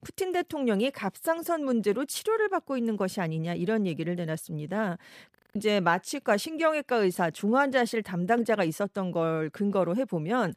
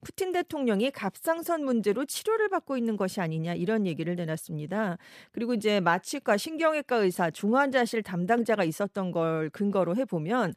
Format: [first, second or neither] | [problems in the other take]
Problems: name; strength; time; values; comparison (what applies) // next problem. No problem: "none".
second | audio freezing; at 5.5 s